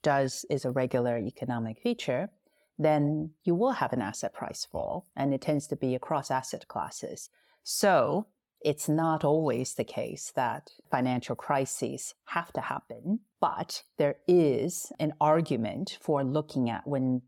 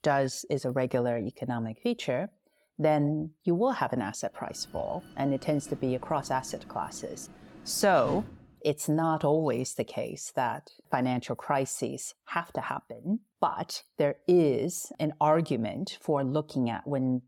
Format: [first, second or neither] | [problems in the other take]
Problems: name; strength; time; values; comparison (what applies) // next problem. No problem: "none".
first | door banging; noticeable; from 5 to 8.5 s; peak 9 dB below the speech